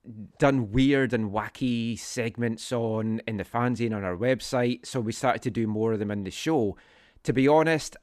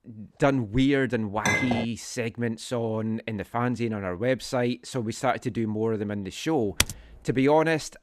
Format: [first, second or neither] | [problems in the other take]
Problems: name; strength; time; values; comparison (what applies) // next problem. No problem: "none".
first | clattering dishes; loud; at 1.5 s; peak 2 dB above the speech // keyboard typing; very faint; at 7 s; peak 1 dB above the speech